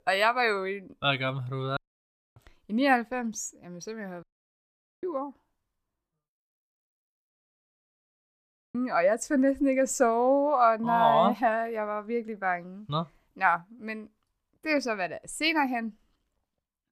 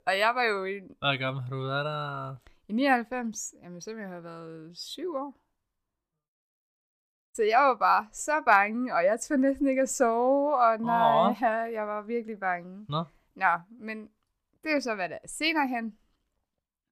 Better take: second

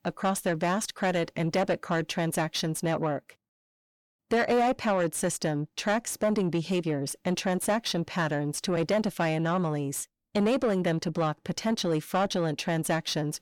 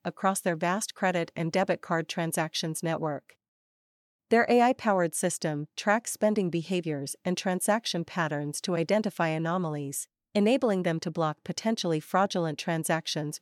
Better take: second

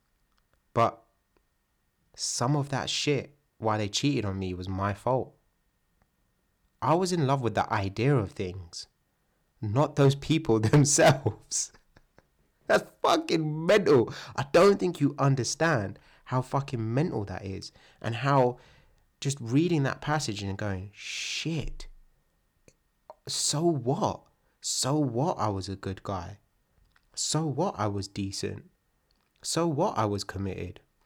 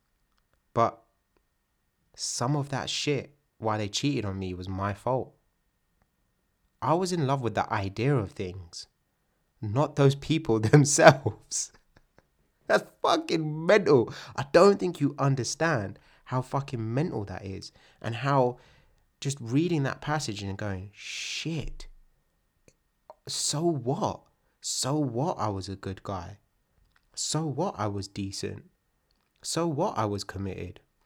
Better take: second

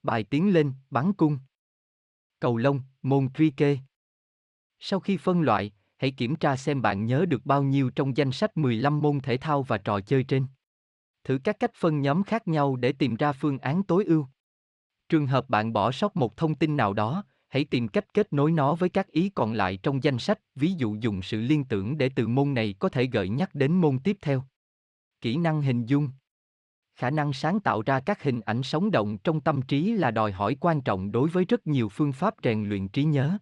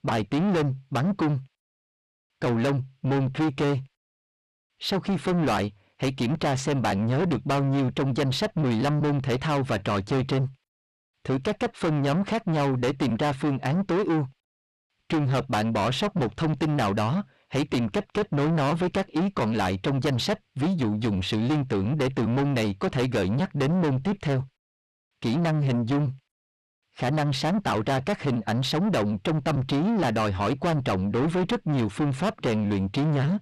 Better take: first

